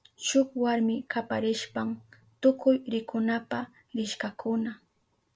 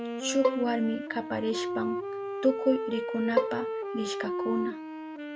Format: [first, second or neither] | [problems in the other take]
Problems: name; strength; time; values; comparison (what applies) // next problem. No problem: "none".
first | background sound (Wind instrument, woodwind instrument + Bowed string instrument); 1 dB below the speech